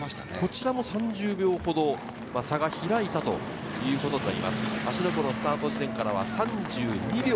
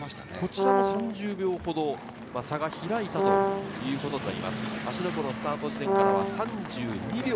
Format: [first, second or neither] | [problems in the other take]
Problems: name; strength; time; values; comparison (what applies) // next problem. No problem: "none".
first | background sound (Brass instrument); 5 dB above the speech